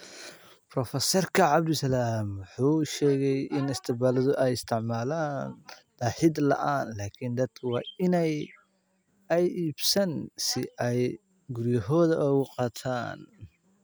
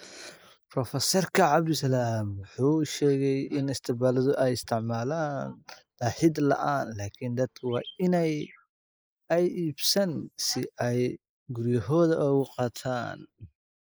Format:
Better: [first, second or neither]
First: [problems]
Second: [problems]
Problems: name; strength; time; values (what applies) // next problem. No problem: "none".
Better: first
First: none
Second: noise reduction (neural mask model Resemble Enhance denoiser)